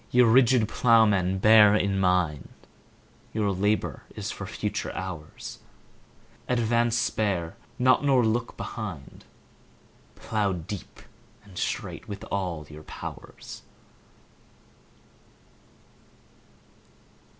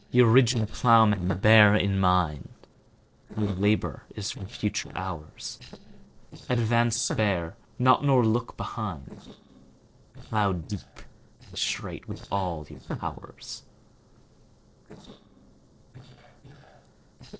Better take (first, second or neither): first